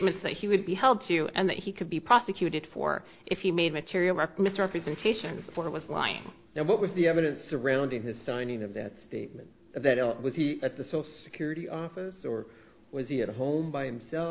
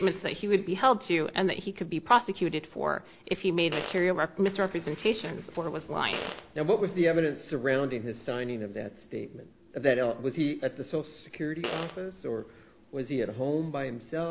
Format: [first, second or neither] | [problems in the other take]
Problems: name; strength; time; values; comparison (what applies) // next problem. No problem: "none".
first | background sound (Fart); 12 dB below the speech